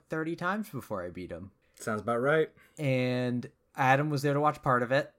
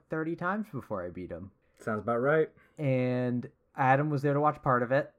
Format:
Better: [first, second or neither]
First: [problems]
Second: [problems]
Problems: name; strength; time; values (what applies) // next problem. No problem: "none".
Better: first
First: none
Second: muffled; slightly; fading above 2.5 kHz